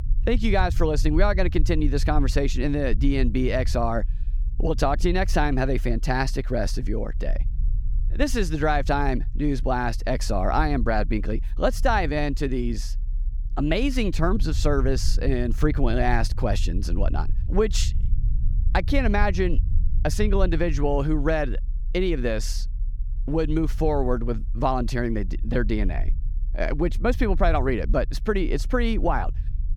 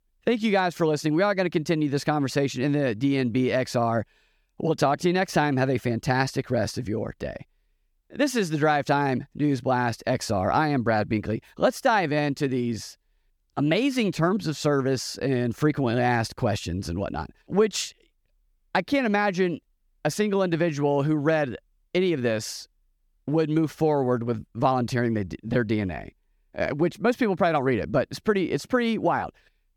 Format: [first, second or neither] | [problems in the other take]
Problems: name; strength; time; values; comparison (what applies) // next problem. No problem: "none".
second | low rumble; faint; throughout; 20 dB below the speech